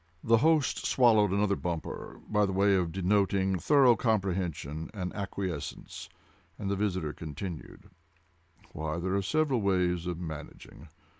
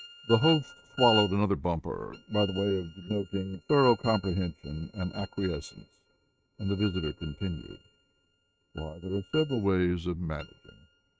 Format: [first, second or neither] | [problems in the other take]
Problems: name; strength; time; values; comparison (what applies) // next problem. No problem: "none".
first | noise reduction (neural mask model RNNoise)